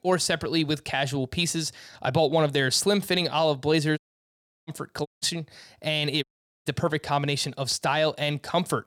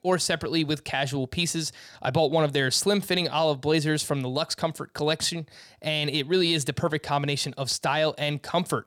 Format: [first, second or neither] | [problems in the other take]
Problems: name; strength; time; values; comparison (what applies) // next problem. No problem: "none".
second | audio cutting out; at 4 s for 0.5 s, at 5 s and at 6 s